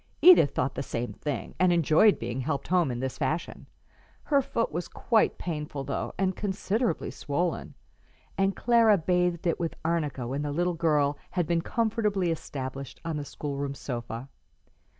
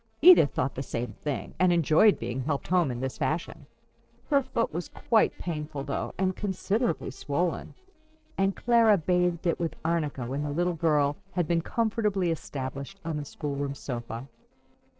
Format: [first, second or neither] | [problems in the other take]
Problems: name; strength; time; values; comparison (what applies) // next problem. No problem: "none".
first | noise reduction (neural separator model SepFormer DNS4)